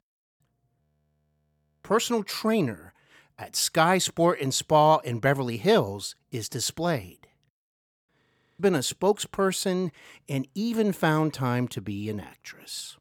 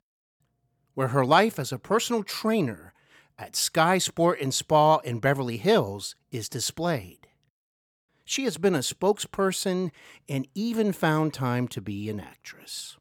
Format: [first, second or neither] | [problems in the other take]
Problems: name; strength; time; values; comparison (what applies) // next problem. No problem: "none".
second | audio freezing; at 1 s for 1 s and at 8 s